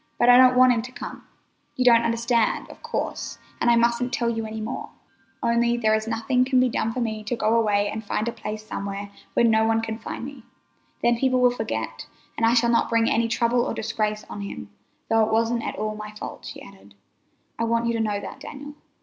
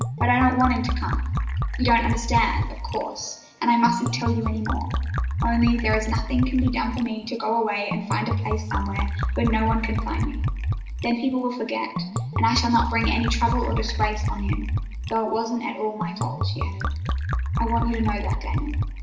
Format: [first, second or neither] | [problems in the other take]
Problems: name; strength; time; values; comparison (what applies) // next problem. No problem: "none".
first | background sound (Liquid); 1 dB below the speech // room echo; dies away in 0.9 s